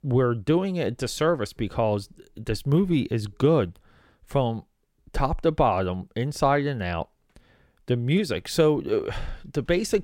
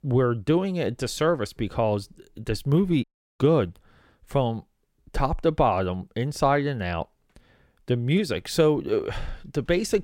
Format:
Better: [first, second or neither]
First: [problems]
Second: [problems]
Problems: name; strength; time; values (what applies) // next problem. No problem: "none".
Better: first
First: none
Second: audio cutting out; at 3 s